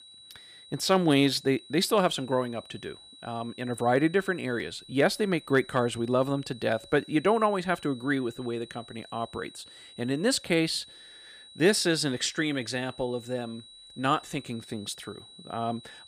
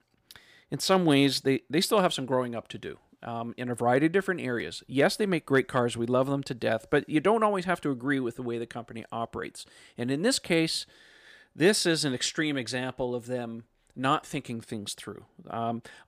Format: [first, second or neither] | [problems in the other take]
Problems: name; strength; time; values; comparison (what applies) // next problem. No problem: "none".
second | high-pitched whine; faint; throughout; 4 kHz, 20 dB below the speech